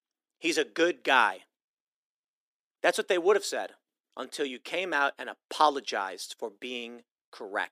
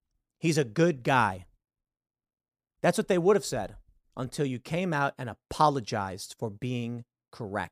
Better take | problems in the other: second | thin; somewhat; fading below 300 Hz

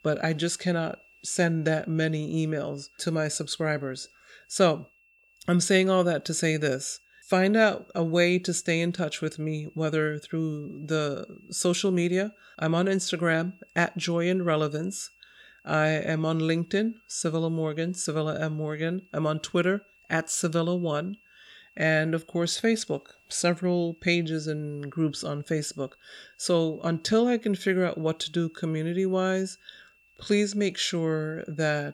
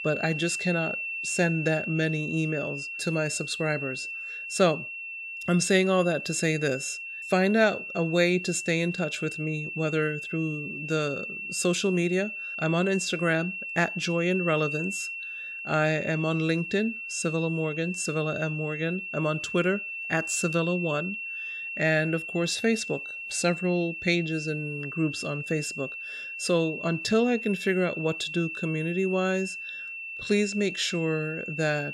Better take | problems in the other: first | high-pitched whine; loud; throughout; 2.5 kHz, 6 dB below the speech; faint in the first

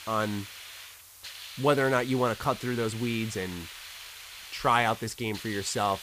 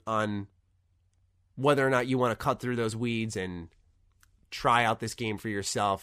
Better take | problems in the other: second | hiss; noticeable; throughout; 15 dB below the speech

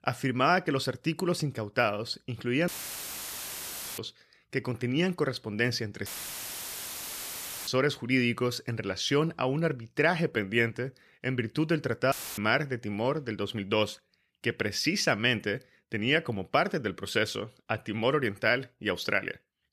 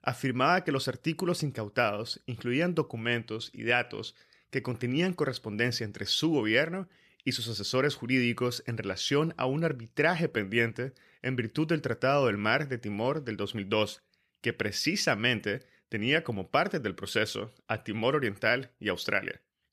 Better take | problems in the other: second | audio cutting out; filled with static; at 2.5 s for 1.5 s, at 6 s for 1.5 s and at 12 s

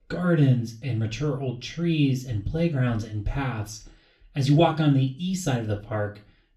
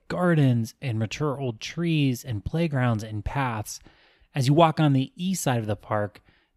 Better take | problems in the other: second | room echo; slight; dies away in 0.3 s // off-mic speech; far

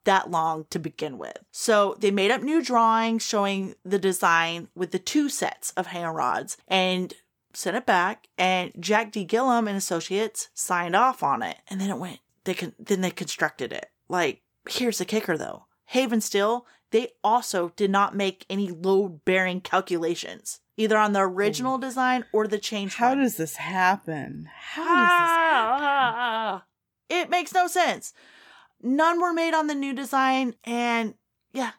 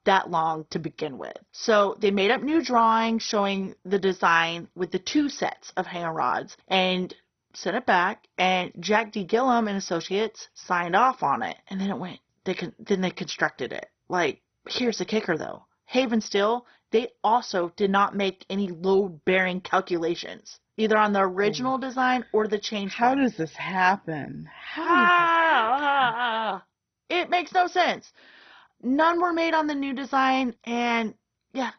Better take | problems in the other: first | garbled, watery; badly; nothing above 6 kHz

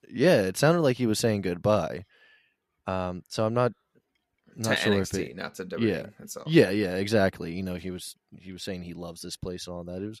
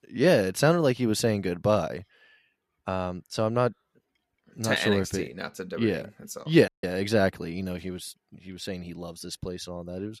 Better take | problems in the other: first | audio cutting out; at 6.5 s

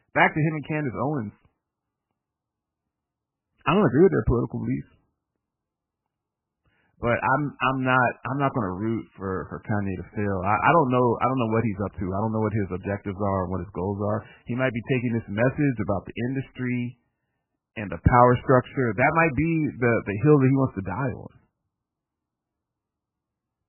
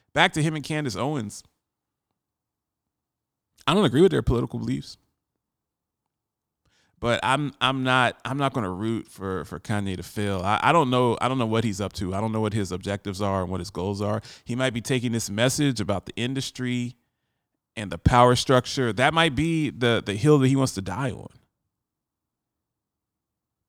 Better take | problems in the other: second | garbled, watery; badly; nothing above 3 kHz

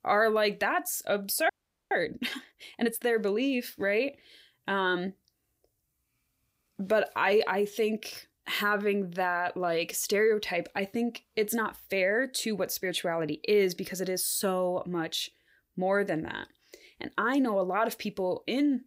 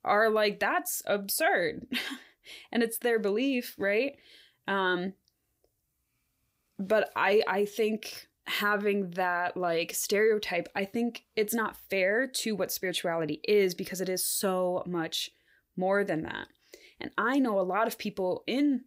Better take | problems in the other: second | audio freezing; at 1.5 s

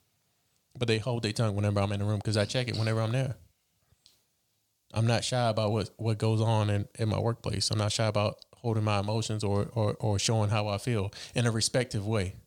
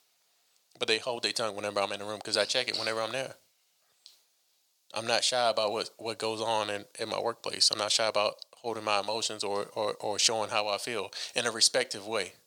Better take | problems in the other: first | thin; very; fading below 500 Hz

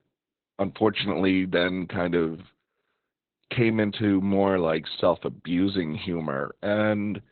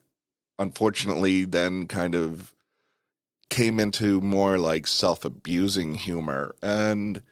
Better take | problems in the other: second | garbled, watery; badly; nothing above 4 kHz; slightly in the second

